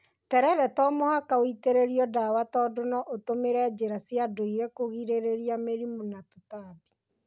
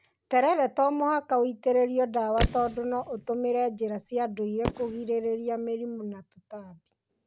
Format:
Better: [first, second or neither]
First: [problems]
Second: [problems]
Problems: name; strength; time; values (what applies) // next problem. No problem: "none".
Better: first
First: none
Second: background sound (Fireworks); 9 dB below the speech